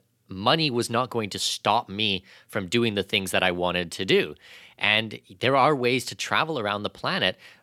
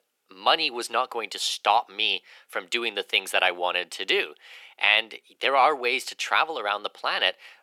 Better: first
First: none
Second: thin; very; fading below 400 Hz

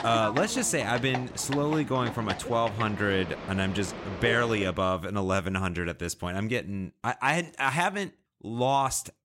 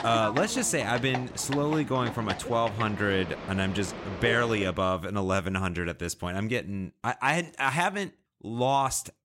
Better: neither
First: animal sounds; loud; until 4.5 s; 9 dB below the speech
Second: animal sounds; loud; until 4.5 s; 9 dB below the speech

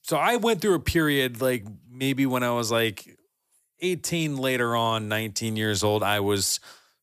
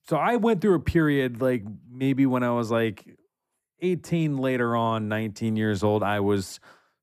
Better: first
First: none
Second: muffled; slightly; fading above 2.5 kHz

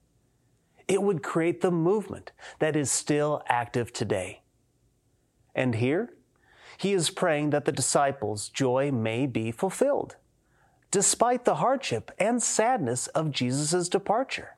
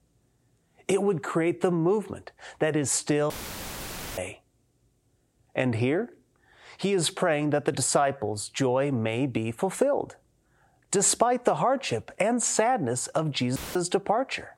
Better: first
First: none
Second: audio cutting out; filled with static; at 3.5 s for 1 s and at 14 s

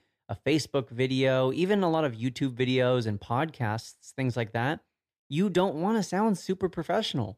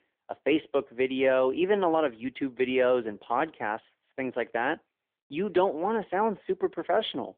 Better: first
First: none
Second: phone-call audio; nothing above 3.5 kHz

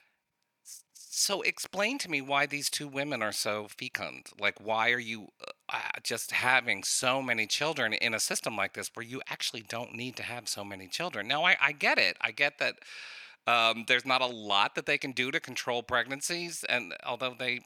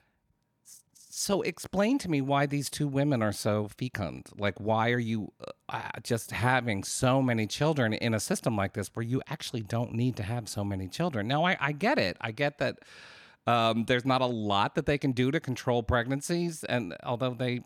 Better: second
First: thin; somewhat; fading below 1 kHz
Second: none

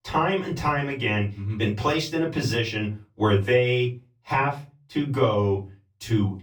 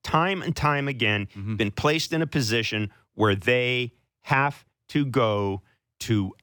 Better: second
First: off-mic speech; far // room echo; very slight; dies away in 0.3 s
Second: none

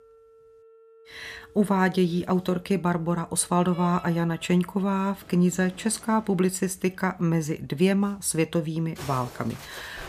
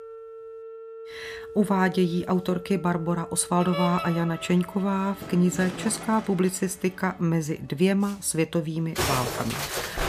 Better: first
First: background music; faint; throughout; 20 dB below the speech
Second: background music; loud; throughout; 9 dB below the speech

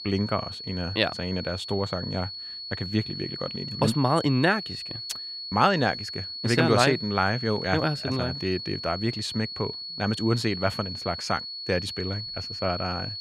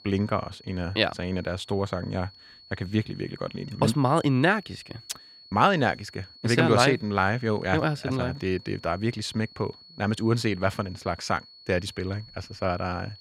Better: second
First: high-pitched whine; loud; throughout; 4.5 kHz, 7 dB below the speech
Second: high-pitched whine; faint; throughout; 4.5 kHz, 20 dB below the speech

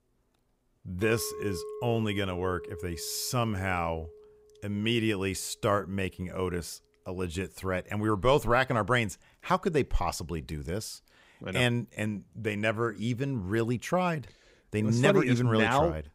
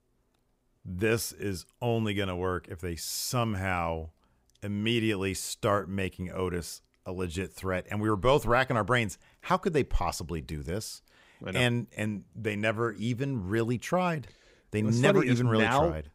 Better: second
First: clattering dishes; noticeable; from 1 to 5.5 s; peak 10 dB below the speech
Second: none

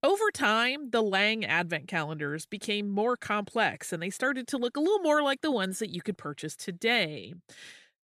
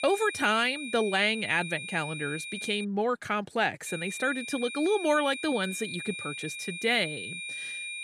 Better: first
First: none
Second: high-pitched whine; loud; until 3 s and from 4 s on; 2.5 kHz, 8 dB below the speech

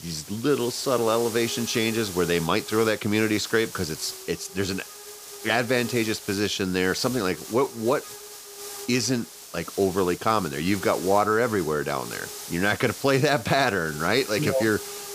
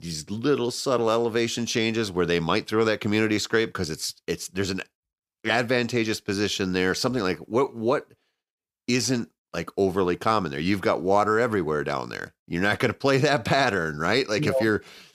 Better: second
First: hiss; noticeable; throughout; 10 dB below the speech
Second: none

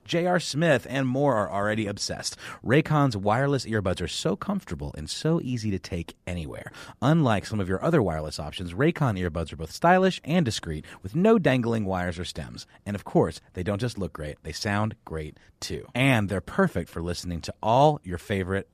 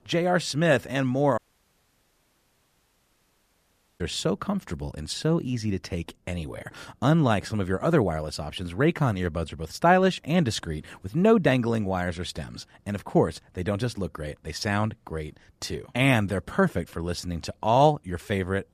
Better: first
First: none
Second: audio cutting out; at 1.5 s for 2.5 s

